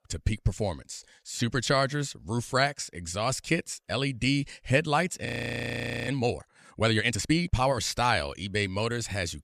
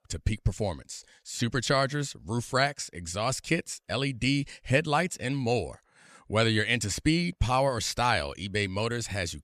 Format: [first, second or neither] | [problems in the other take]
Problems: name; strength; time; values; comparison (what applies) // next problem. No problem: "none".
second | audio freezing; at 5.5 s for 1 s